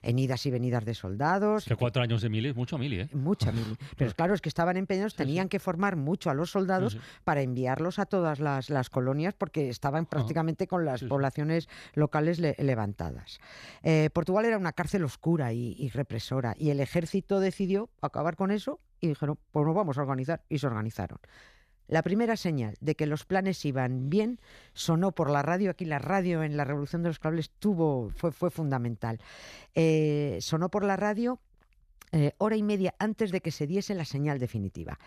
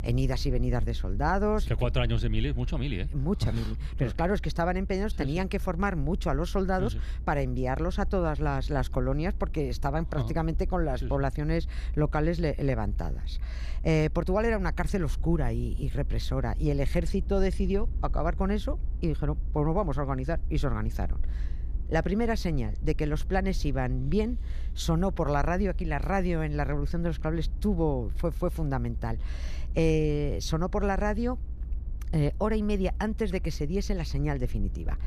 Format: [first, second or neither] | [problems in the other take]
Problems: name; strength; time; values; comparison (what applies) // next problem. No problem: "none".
first | low rumble; faint; throughout; 25 dB below the speech